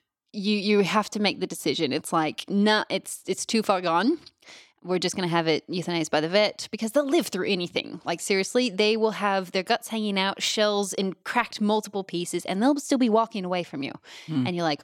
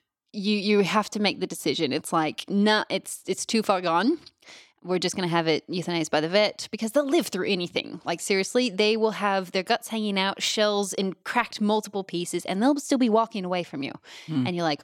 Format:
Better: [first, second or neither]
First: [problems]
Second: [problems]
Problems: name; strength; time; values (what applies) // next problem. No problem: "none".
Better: neither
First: none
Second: none